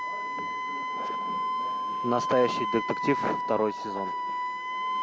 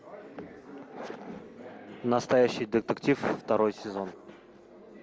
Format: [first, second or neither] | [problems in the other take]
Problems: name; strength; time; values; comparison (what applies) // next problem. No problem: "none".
second | background sound (Wind instrument, woodwind instrument); 1 dB above the speech